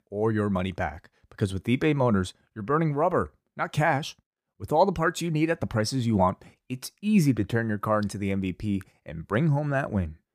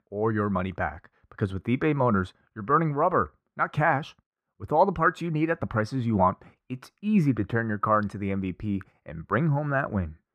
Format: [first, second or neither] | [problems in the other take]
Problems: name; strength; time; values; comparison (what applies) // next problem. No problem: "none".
first | muffled; slightly; fading above 3.5 kHz